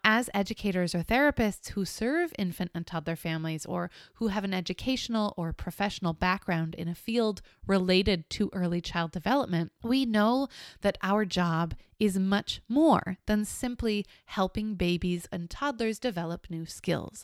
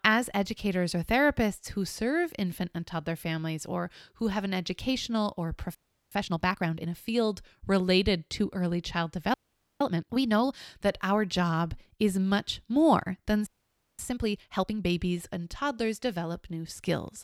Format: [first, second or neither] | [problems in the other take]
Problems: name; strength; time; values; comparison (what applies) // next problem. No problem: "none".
first | audio freezing; at 6 s, at 9.5 s and at 13 s for 0.5 s